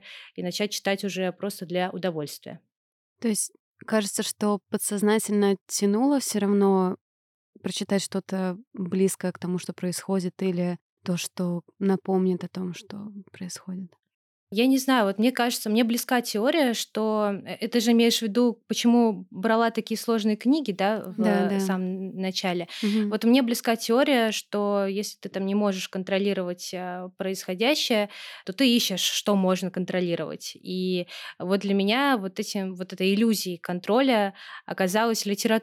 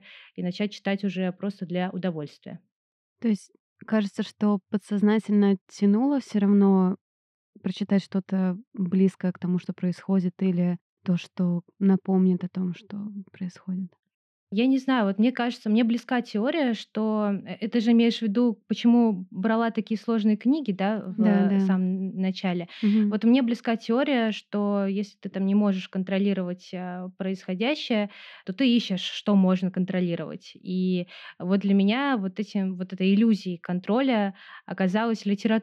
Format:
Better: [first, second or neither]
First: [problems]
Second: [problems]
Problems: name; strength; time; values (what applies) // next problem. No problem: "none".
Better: first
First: none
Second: muffled; slightly; fading above 3 kHz